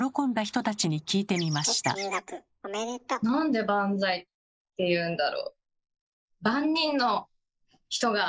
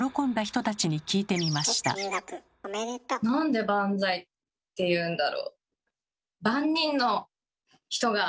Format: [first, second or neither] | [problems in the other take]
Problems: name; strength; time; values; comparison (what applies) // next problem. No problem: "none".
second | noise reduction (neural mask model Resemble Enhance denoiser)